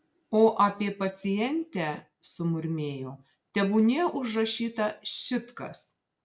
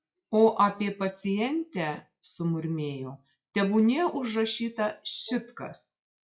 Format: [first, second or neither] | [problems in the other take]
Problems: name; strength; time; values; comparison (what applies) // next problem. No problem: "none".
first | noise reduction (classical method log-MMSE)